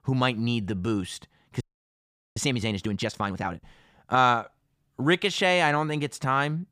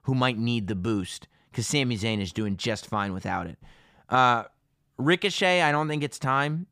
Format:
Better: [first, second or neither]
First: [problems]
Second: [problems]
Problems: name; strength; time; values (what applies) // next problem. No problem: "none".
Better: second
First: audio freezing; at 1.5 s for 0.5 s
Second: none